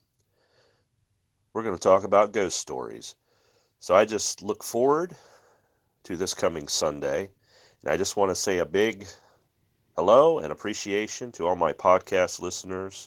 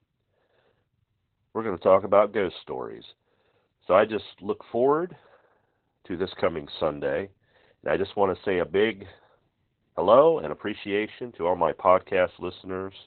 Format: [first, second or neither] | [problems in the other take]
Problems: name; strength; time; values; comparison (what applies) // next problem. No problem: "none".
first | garbled, watery; badly; nothing above 4 kHz; slightly in the first